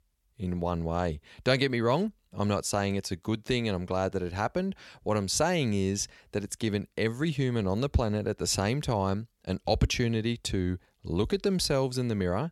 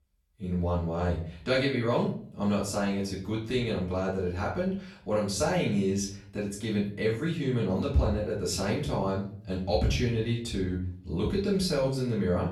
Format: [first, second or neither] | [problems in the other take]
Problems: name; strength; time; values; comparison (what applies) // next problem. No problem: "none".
first | off-mic speech; far // room echo; slight; dies away in 0.5 s